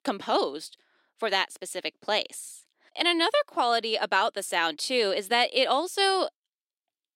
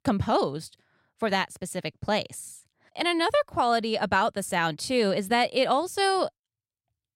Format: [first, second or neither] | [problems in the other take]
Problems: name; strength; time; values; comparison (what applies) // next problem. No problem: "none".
second | thin; somewhat; fading below 300 Hz